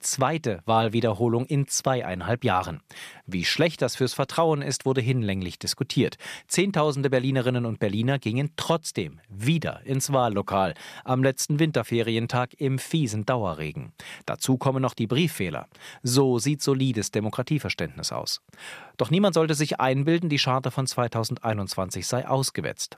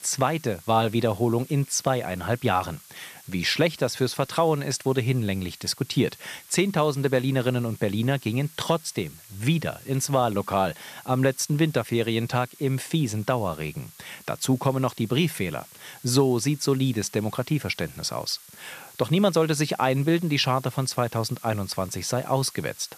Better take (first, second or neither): first